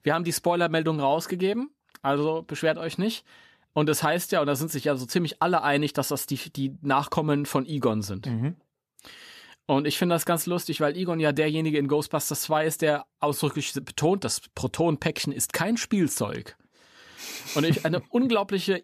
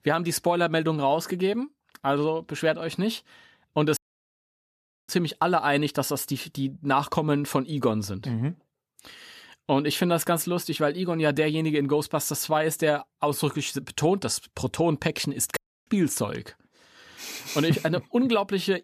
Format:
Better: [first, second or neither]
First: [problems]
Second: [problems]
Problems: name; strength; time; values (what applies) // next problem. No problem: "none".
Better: first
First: none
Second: audio cutting out; at 4 s for 1 s and at 16 s